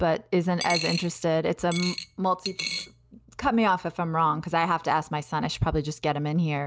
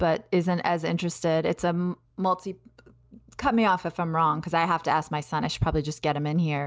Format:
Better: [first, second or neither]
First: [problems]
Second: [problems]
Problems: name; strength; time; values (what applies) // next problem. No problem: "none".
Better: second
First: background sound (Coin (dropping)); 9 dB below the speech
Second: none